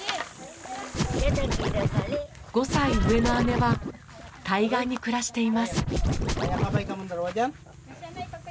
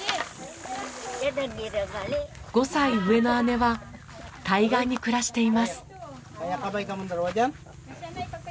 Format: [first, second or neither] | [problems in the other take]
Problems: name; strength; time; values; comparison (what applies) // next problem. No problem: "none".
second | background sound (Scratching (performance technique)); 3 dB above the speech